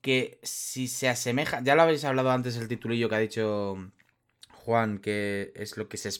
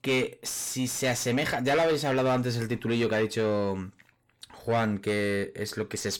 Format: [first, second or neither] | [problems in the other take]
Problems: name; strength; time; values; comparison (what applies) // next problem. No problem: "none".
first | distortion; heavy; 8 dB below the speech